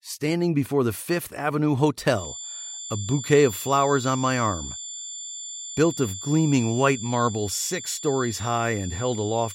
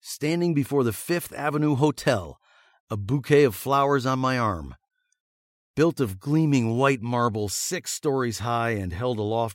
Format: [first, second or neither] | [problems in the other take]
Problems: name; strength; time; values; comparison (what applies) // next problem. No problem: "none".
second | high-pitched whine; loud; from 2 s on; 7 kHz, 10 dB below the speech